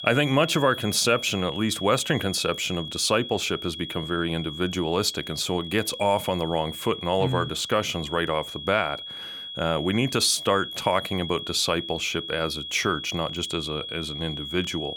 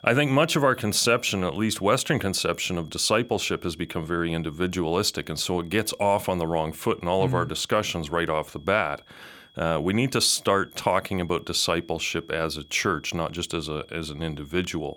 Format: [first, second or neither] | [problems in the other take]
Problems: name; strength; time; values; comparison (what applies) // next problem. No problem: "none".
second | high-pitched whine; loud; throughout; 3.5 kHz, 9 dB below the speech; faint in the second